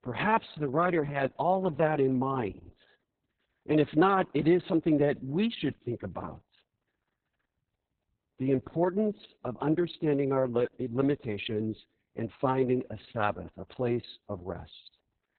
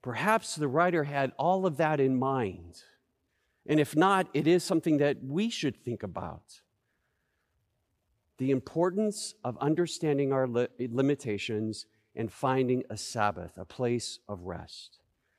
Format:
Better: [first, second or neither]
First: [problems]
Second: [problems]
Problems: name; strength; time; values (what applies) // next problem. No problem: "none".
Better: second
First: garbled, watery; badly; nothing above 4 kHz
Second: none